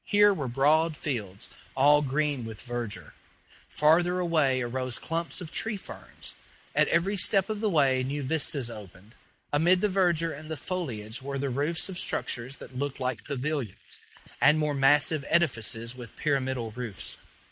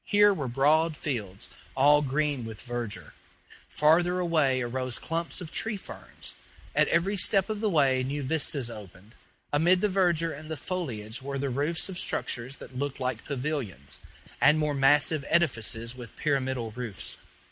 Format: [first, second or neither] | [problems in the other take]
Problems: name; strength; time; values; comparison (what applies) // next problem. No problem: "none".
second | noise reduction (neural mask model Resemble Enhance denoiser)